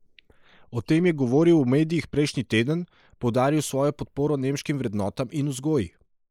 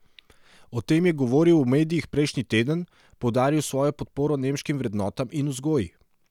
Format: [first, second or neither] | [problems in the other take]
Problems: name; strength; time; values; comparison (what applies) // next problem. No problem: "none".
second | noise reduction (neural mask model Resemble Enhance denoiser)